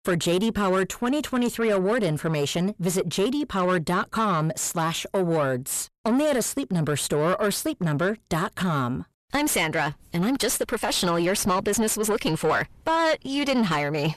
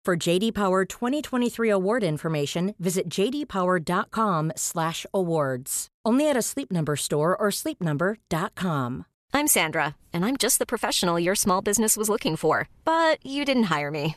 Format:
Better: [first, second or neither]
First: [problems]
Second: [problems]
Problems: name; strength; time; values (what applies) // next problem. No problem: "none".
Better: second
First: distortion; slight; 10 dB below the speech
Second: none